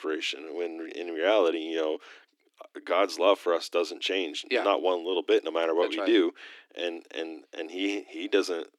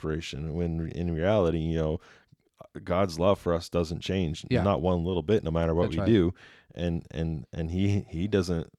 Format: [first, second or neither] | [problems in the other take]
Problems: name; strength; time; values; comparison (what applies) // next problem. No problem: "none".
second | thin; somewhat; fading below 300 Hz